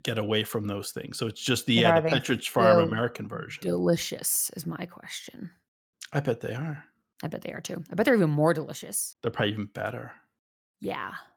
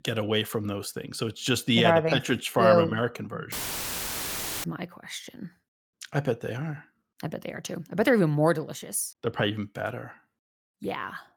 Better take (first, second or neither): first